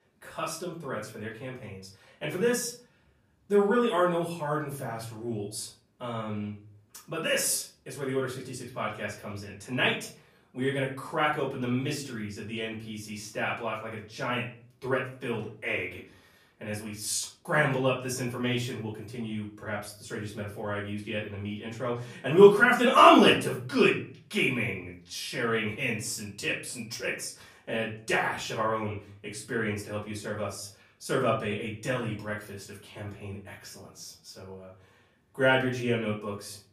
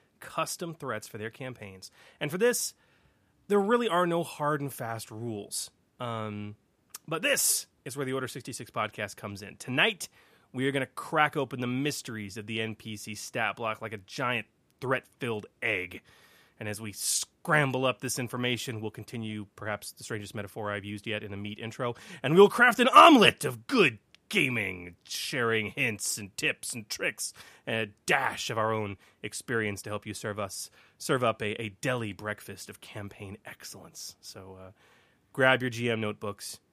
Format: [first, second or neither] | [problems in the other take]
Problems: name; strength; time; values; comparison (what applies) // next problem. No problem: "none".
second | off-mic speech; far // room echo; slight; dies away in 0.4 s